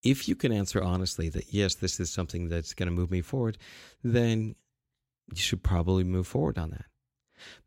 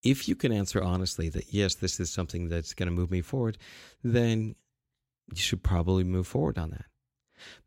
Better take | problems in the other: neither | none

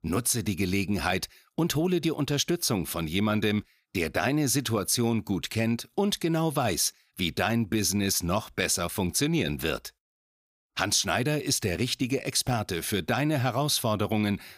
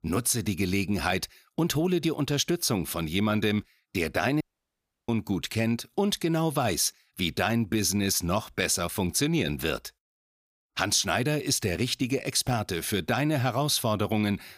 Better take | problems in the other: first | audio cutting out; at 4.5 s for 0.5 s

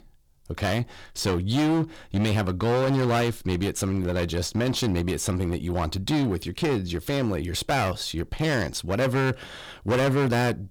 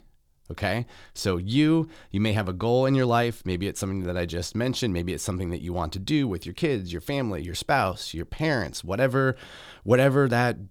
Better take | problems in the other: second | distortion; heavy; 19% of the sound clipped

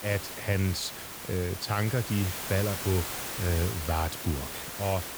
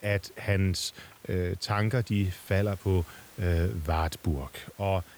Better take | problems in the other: second | hiss; loud; throughout; 4 dB below the speech; faint in the second

